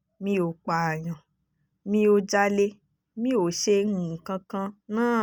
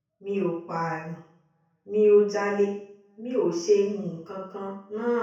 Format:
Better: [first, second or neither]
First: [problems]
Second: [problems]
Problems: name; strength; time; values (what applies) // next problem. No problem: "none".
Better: first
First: none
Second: room echo; dies away in 0.6 s